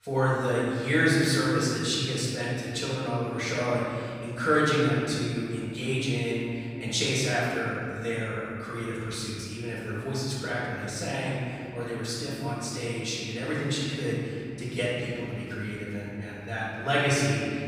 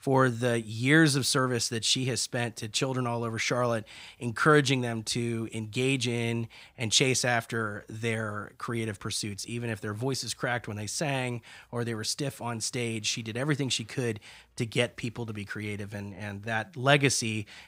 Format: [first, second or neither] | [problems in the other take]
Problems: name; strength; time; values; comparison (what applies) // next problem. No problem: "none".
second | room echo; strong; dies away in 2.4 s // off-mic speech; far